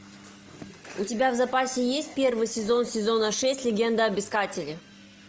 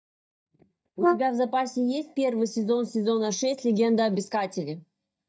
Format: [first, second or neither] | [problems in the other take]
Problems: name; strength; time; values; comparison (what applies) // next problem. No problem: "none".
first | noise reduction (neural mask model DeepFilterNet 3)